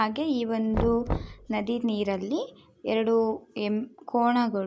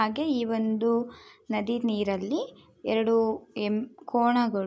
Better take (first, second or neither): second